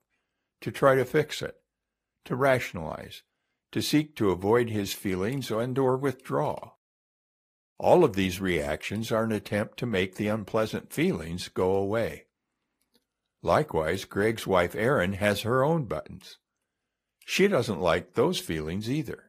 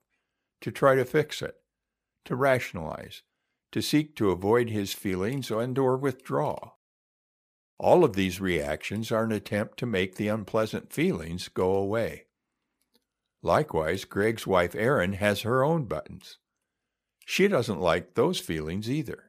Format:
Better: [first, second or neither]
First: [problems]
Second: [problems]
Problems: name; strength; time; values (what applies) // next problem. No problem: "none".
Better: second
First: garbled, watery; slightly; nothing above 15 kHz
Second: none